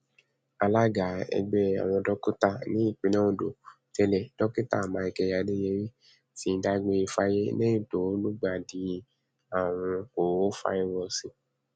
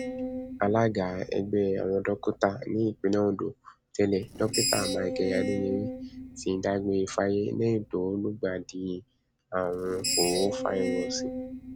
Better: first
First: none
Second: background sound (Screech); 7 dB below the speech

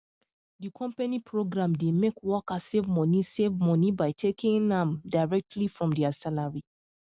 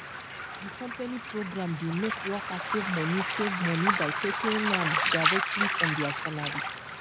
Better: first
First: none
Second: background sound (Waves, surf); 2 dB above the speech

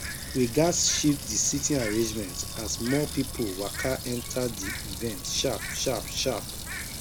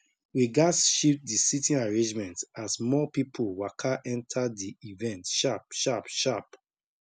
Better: second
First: background sound (Sink (filling or washing) / Water tap, faucet + Bird); 7 dB below the speech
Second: none

